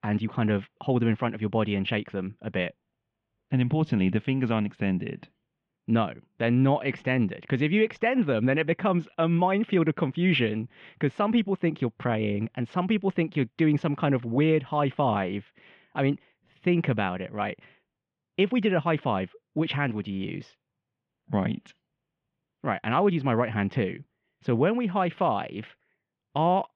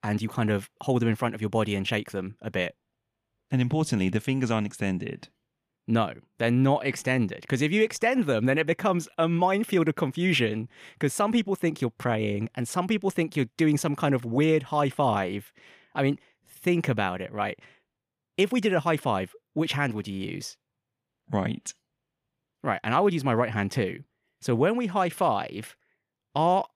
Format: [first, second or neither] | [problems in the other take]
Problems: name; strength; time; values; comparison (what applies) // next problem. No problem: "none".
second | muffled; very; fading above 3 kHz